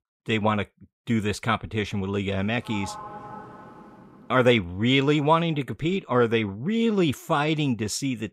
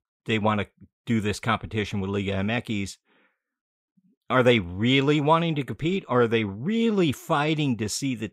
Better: second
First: door banging; faint; from 2.5 to 4.5 s; peak 15 dB below the speech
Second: none

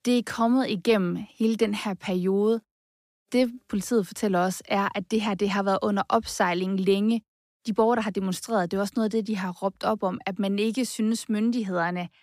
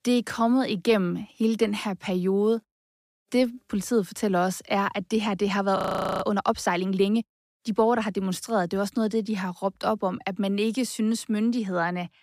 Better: first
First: none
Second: audio freezing; at 6 s

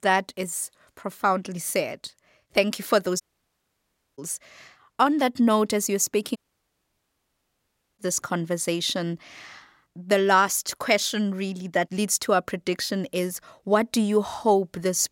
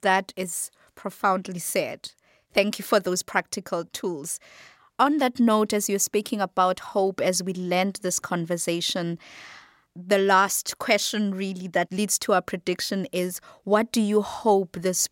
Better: second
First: audio cutting out; at 3 s for 1 s and at 6.5 s for 1.5 s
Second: none

